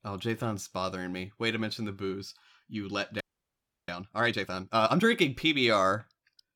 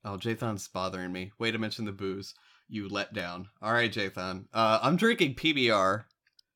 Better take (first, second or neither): second